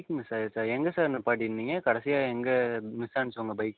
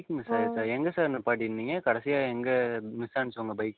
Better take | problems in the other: first | background sound (Brass instrument); 3 dB below the speech

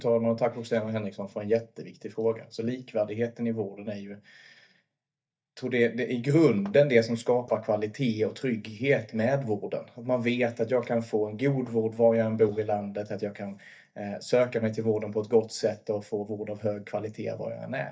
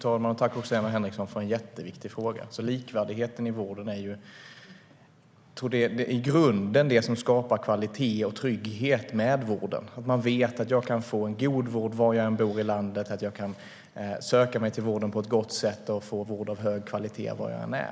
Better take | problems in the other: second | noise reduction (neural mask model DeepFilterNet 3)

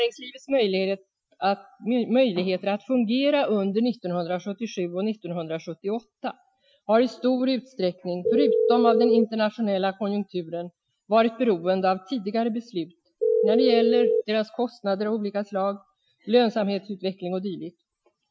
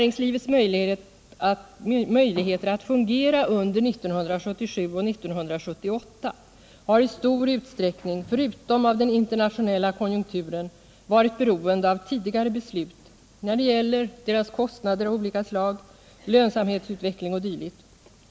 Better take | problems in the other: second | noise reduction (classical method Wiener filter)

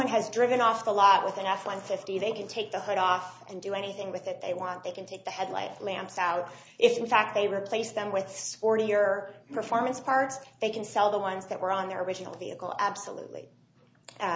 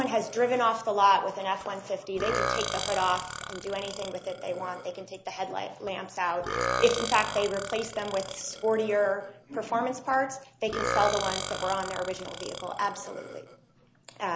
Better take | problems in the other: first | background sound (Burping, eructation); 7 dB below the speech

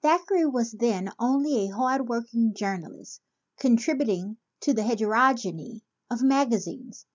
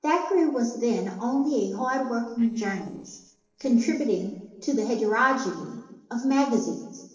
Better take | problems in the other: first | noise reduction (neural separator model SepFormer DNS4)

